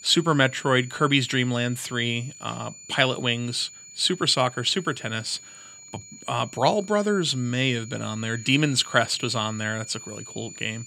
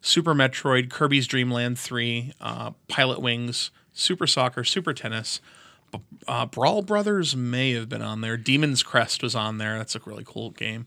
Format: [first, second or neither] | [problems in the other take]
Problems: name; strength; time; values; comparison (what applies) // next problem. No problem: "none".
second | high-pitched whine; noticeable; throughout; 7 kHz, 15 dB below the speech